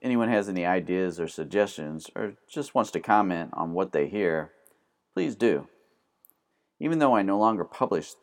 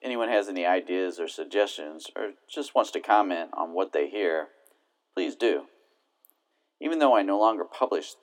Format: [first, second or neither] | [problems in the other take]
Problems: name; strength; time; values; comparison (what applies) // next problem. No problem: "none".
first | thin; very slightly; fading below 250 Hz